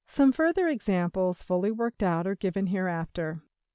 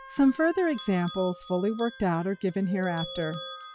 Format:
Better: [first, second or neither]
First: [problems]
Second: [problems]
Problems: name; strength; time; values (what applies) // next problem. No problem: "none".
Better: first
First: none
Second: noise reduction (classical method log-MMSE)